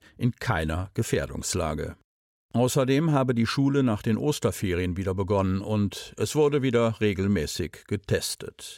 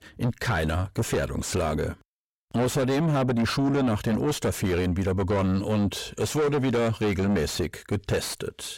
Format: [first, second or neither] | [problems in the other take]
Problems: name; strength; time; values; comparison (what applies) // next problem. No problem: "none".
first | distortion; heavy; 6 dB below the speech